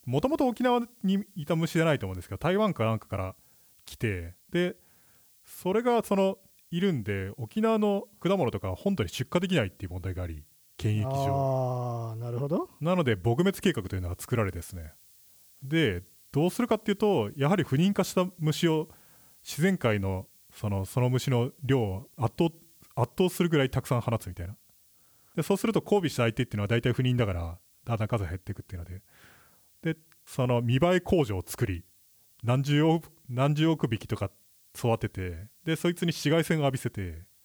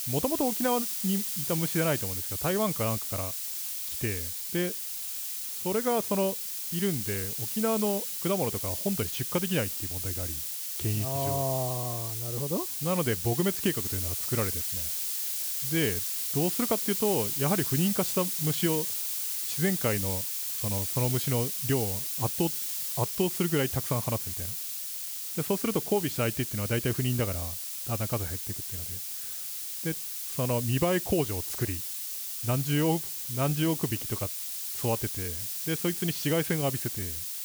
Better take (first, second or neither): first